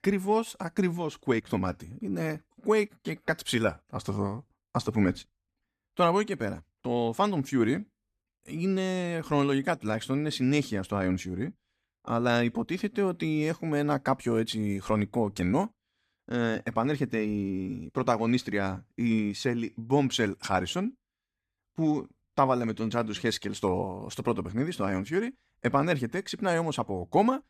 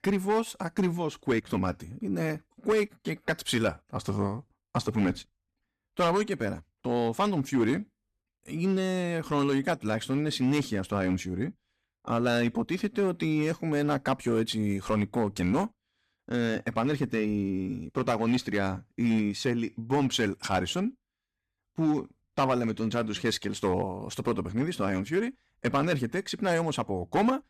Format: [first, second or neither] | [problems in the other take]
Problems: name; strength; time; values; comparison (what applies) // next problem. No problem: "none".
first | distortion; slight; 4% of the sound clipped